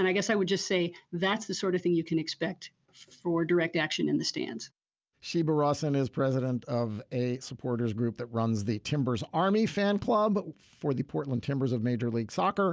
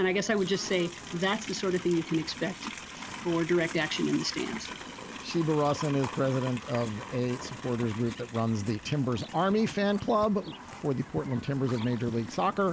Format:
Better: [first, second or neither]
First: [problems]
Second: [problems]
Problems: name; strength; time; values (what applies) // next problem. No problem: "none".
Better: first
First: none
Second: background sound (Livestock, farm animals, working animals); 12 dB below the speech